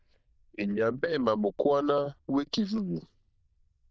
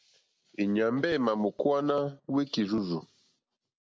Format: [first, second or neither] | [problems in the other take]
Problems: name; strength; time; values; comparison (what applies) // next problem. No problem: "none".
second | noise reduction (neural diffusion model UNIVERSE++)